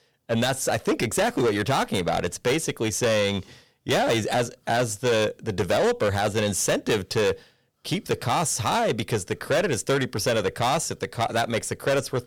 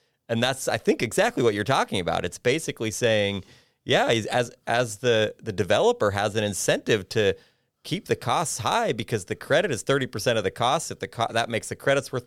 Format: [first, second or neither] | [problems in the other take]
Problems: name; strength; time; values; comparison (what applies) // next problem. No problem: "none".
second | distortion; heavy; 8 dB below the speech